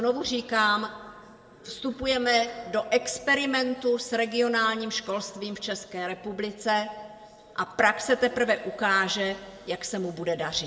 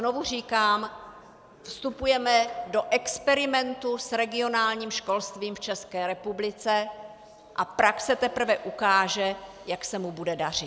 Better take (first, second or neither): second